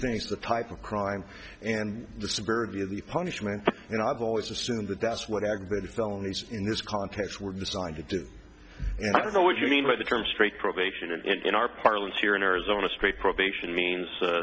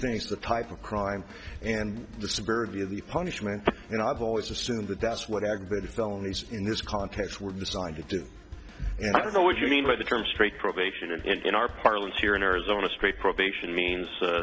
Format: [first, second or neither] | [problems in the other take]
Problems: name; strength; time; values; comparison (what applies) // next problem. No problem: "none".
first | background sound (Drum kit); 18 dB below the speech